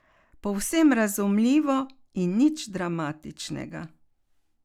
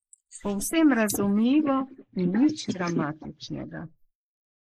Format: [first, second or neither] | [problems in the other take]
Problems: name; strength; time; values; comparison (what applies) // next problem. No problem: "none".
first | noise reduction (neural mask model Resemble Enhance denoiser)